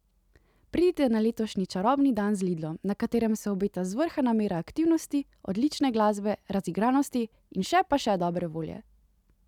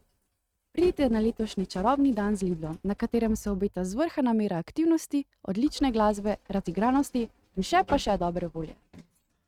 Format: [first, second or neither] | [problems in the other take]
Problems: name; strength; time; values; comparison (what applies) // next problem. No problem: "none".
first | noise reduction (neural mask model RNNoise)